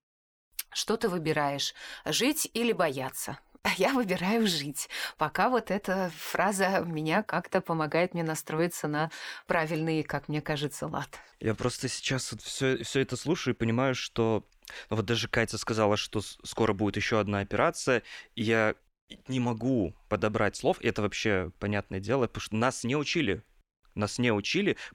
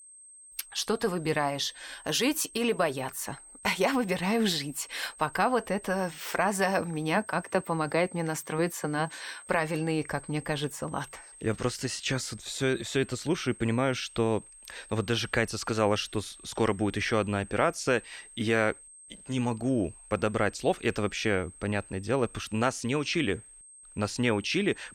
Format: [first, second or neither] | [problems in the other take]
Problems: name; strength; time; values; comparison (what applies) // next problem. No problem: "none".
first | high-pitched whine; noticeable; throughout; 8.5 kHz, 20 dB below the speech